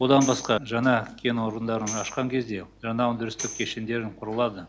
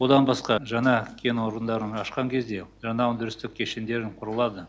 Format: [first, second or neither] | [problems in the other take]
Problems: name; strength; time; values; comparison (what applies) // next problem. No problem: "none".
second | background sound (Tambourine); 15 dB below the speech